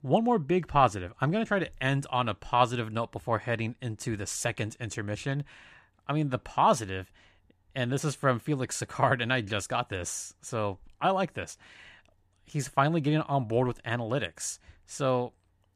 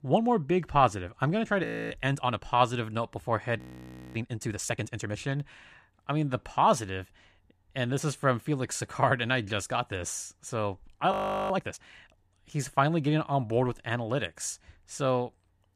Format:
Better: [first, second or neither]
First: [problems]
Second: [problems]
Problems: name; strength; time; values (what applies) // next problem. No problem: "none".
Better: first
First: none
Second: audio freezing; at 1.5 s, at 3.5 s for 0.5 s and at 11 s